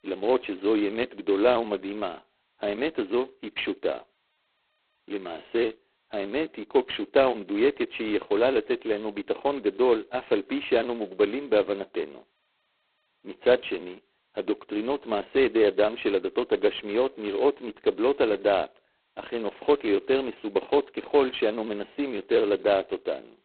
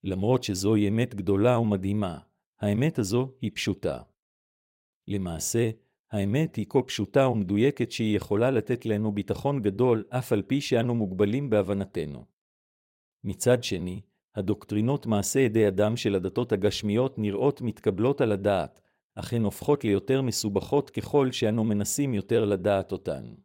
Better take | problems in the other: second | phone-call audio; poor line; nothing above 4 kHz

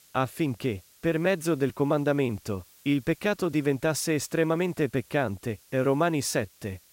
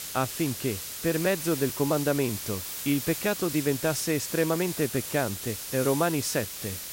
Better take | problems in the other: first | hiss; loud; throughout; 6 dB below the speech; faint in the first

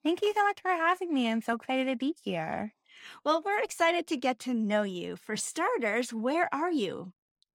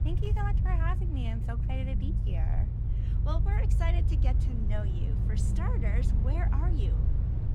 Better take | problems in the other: first | low rumble; loud; throughout; 4 dB below the speech

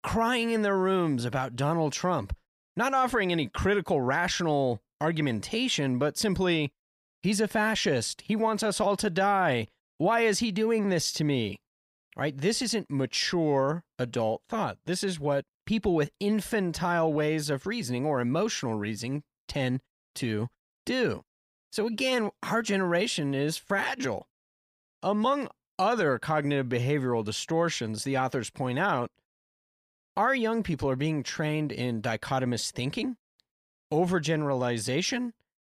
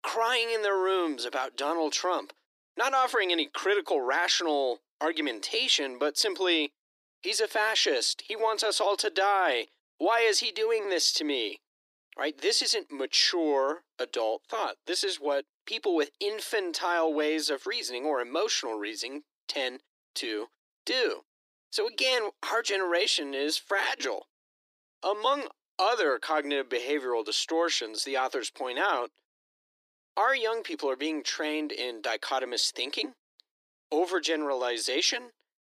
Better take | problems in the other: first | thin; somewhat; fading below 300 Hz

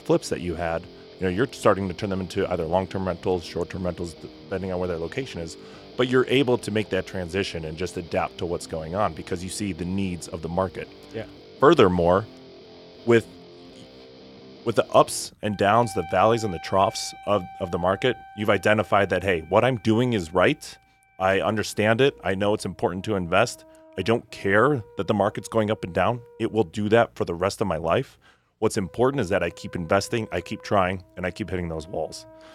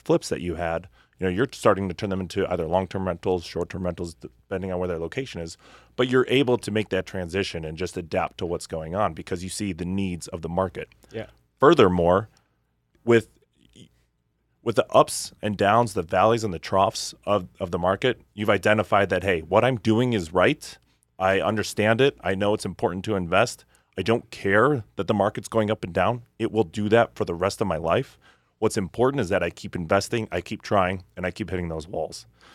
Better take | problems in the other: second | background music; faint; throughout; 20 dB below the speech

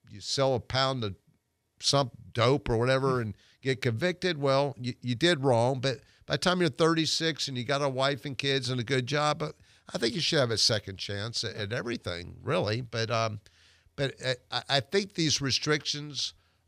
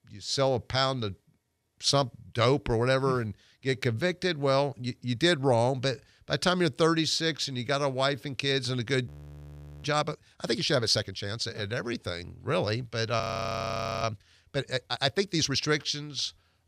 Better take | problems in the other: first | audio freezing; at 9 s for 1 s and at 13 s for 1 s

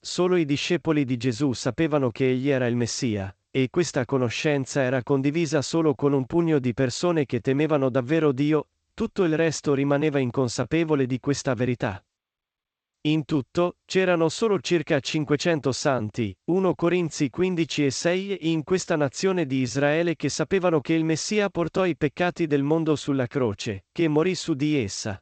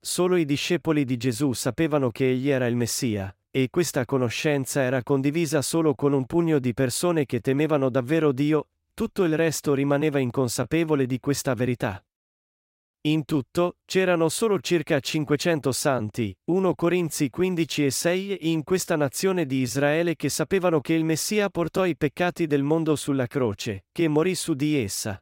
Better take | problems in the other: second | garbled, watery; slightly; nothing above 8 kHz

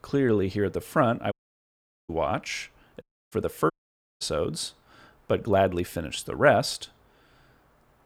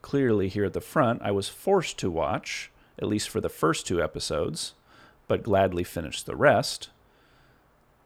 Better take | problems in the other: second | audio cutting out; at 1.5 s for 1 s, at 3 s and at 3.5 s for 0.5 s

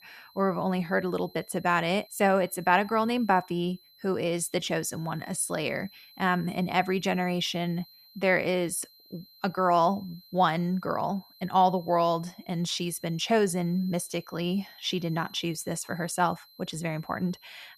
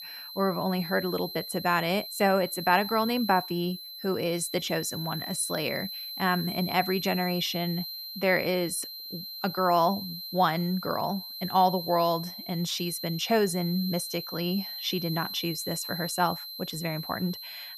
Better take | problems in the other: first | high-pitched whine; loud; throughout; 4 kHz, 8 dB below the speech; faint in the first

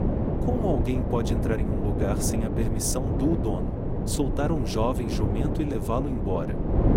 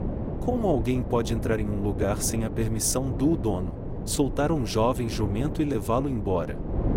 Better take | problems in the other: second | wind noise on the microphone; heavy; 3 dB below the speech; occasional gusts in the second

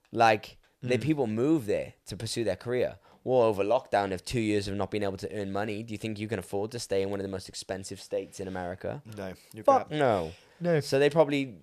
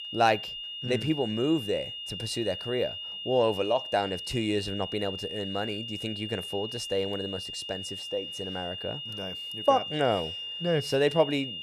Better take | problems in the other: first | high-pitched whine; loud; throughout; 3 kHz, 6 dB below the speech

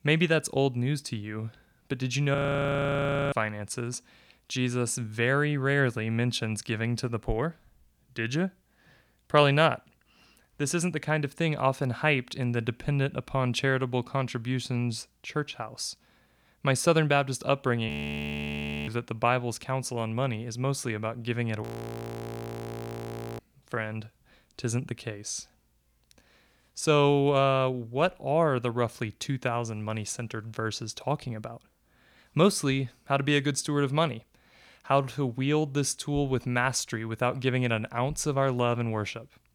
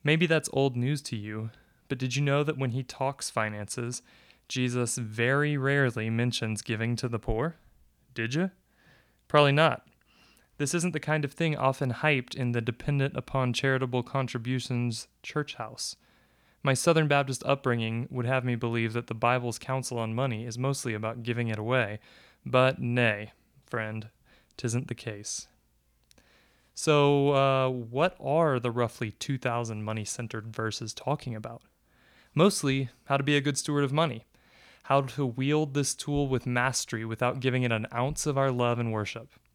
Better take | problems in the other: second | audio freezing; at 2.5 s for 1 s, at 18 s for 1 s and at 22 s for 2 s

